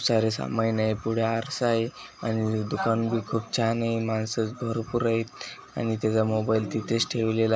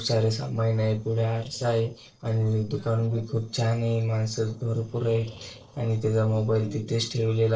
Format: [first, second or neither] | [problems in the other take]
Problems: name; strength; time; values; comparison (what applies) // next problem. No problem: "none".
first | noise reduction (neural separator model SepFormer DNS4)